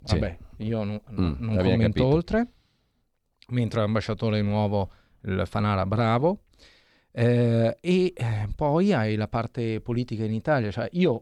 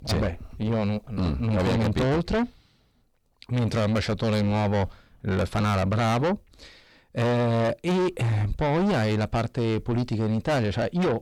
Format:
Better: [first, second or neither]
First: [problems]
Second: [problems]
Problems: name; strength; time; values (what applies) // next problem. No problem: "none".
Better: first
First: none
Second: distortion; heavy; 6 dB below the speech